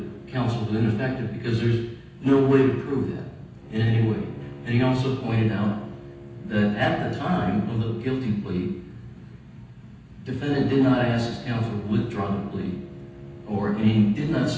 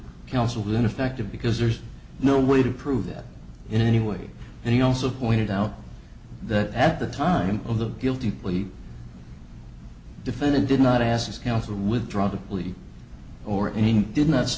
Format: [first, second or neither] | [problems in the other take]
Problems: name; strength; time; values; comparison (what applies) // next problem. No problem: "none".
second | background sound (Bowed string instrument); 19 dB below the speech // room echo; dies away in 0.9 s